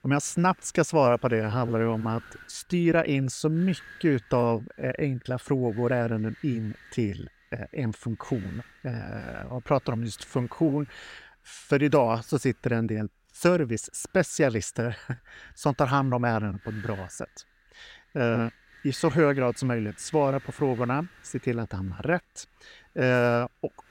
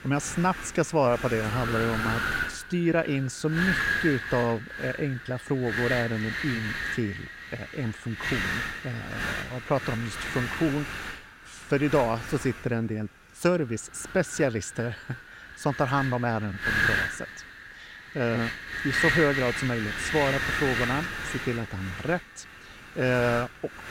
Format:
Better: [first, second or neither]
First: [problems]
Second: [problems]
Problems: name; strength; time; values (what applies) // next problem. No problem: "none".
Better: first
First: wind noise on the microphone; occasional gusts; 20 dB below the speech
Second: wind noise on the microphone; heavy; 1 dB above the speech